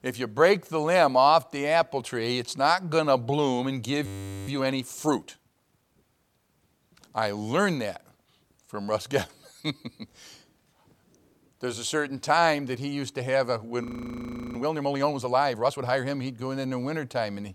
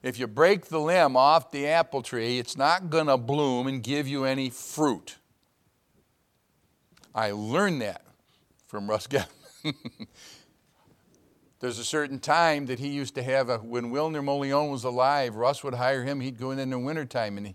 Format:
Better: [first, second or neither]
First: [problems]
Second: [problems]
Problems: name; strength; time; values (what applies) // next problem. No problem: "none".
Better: second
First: audio freezing; at 4 s and at 14 s for 0.5 s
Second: none